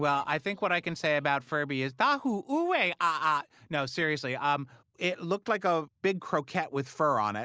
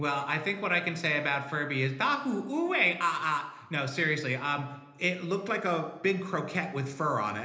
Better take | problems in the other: first | room echo; dies away in 1 s

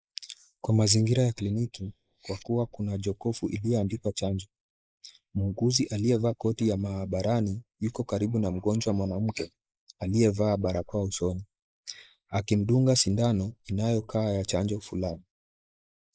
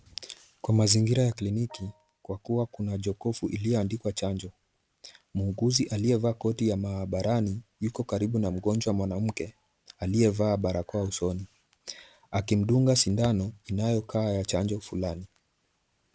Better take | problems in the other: second | noise reduction (neural mask model Resemble Enhance denoiser)

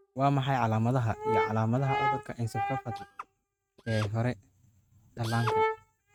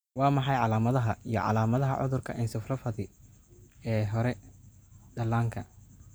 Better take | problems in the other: second | noise reduction (neural mask model RNNoise)

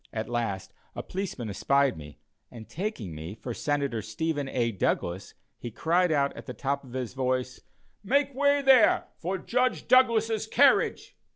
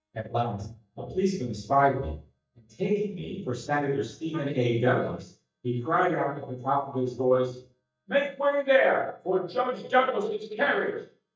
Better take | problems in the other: first | noise reduction (neural mask model DeepFilterNet 3)

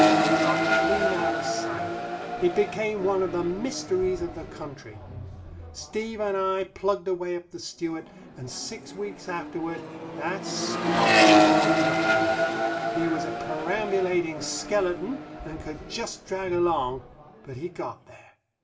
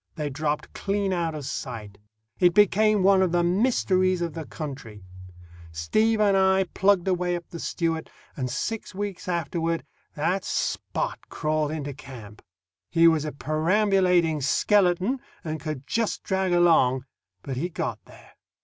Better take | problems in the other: second | background sound (Accelerating, revving, vroom); 3 dB above the speech // room echo; dies away in 0.3 s

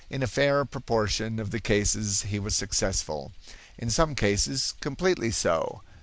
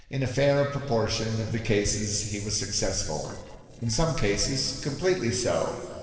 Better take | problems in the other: first | noise reduction (neural separator model SepFormer DNS4)

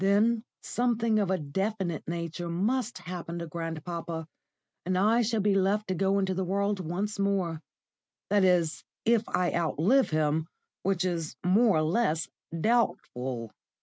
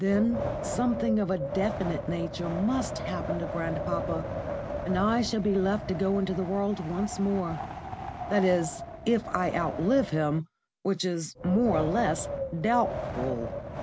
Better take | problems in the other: first | background sound (Wind); 6 dB below the speech

